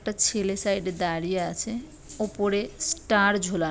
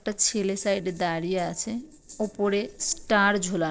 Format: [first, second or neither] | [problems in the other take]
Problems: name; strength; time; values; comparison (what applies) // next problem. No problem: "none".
first | noise reduction (neural separator model SepFormer DNS4)